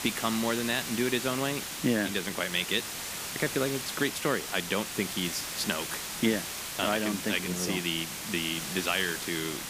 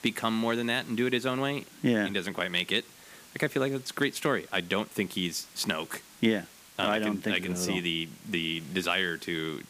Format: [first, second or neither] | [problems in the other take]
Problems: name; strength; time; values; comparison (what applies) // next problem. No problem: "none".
second | hiss; loud; throughout; 4 dB below the speech; faint in the second